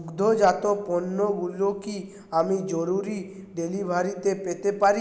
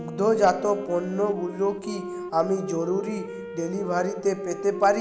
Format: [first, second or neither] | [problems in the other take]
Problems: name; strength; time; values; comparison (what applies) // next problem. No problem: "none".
first | background sound (Wind instrument, woodwind instrument); 11 dB below the speech